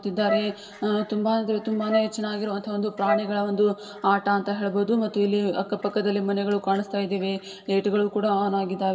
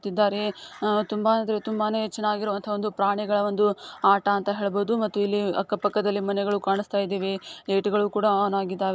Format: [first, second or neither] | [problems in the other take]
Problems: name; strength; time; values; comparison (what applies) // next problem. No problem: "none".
second | background sound (Wind instrument, woodwind instrument); 5 dB below the speech // room echo; dies away in 2 s